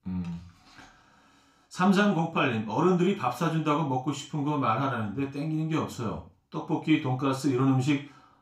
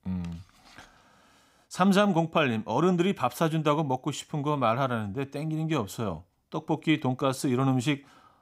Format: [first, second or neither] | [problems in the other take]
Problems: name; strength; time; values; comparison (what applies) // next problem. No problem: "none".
second | room echo; slight; dies away in 0.3 s // off-mic speech; far